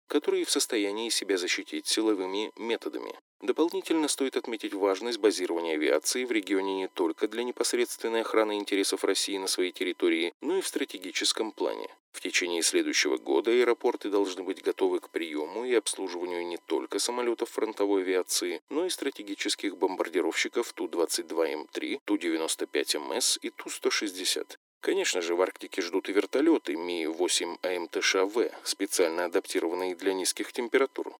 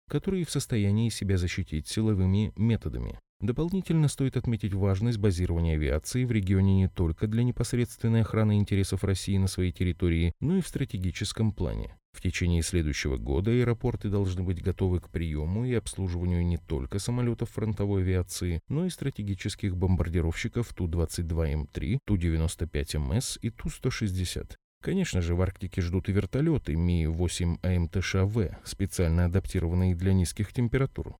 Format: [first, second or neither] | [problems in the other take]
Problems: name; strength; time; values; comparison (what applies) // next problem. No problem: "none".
second | thin; very; fading below 300 Hz